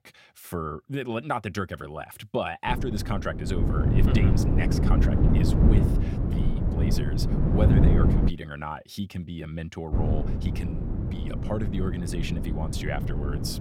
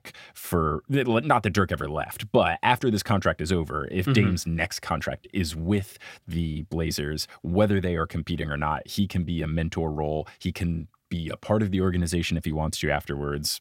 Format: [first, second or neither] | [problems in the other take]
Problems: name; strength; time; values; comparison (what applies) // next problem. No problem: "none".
second | wind noise on the microphone; heavy; from 2.5 to 8.5 s and from 10 s on; 1 dB below the speech